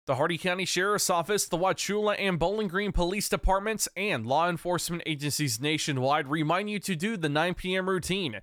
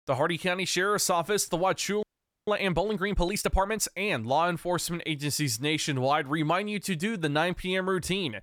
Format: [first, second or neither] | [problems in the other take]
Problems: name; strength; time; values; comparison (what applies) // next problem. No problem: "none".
first | audio freezing; at 2 s